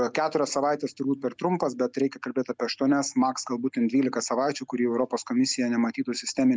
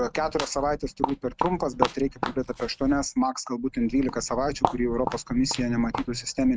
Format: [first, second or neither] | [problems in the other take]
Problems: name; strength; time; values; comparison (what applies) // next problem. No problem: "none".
first | noise reduction (neural mask model RNNoise)